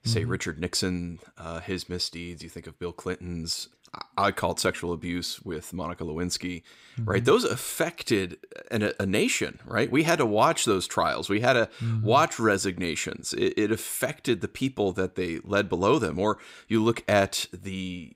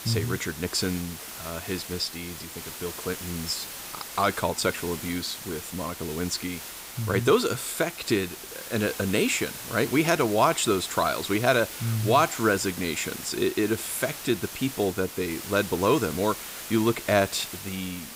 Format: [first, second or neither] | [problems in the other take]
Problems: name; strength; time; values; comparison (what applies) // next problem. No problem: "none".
first | hiss; loud; throughout; 10 dB below the speech